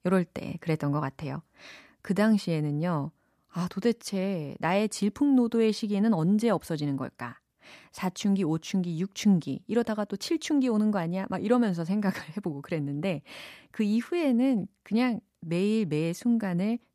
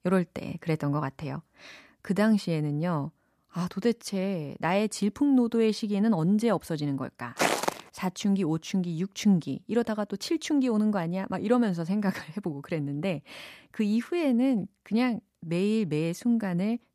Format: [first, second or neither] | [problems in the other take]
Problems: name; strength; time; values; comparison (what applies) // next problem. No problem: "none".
first | footsteps; loud; at 7.5 s; peak 2 dB above the speech